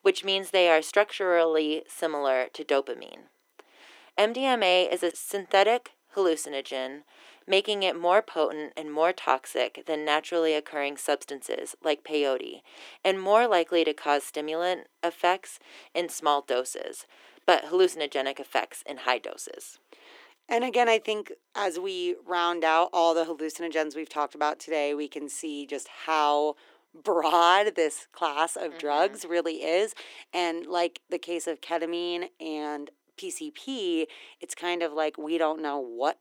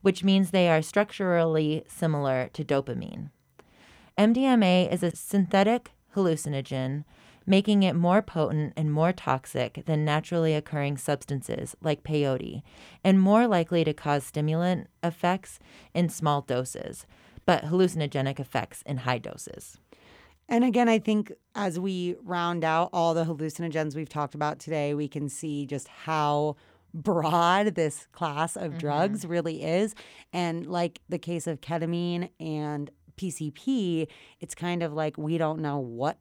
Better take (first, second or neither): second